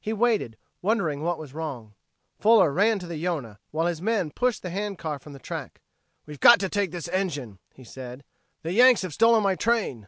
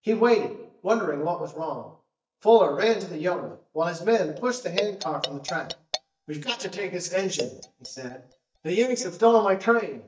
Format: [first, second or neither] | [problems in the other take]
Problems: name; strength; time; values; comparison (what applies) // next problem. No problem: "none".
first | noise reduction (neural mask model DeepFilterNet 3)